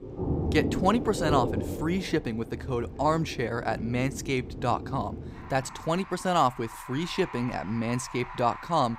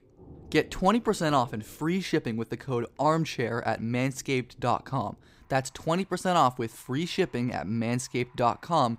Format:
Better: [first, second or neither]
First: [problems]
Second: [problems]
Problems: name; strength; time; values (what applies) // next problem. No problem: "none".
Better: second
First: rain or running water; loud; throughout; 7 dB below the speech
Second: rain or running water; faint; throughout; 25 dB below the speech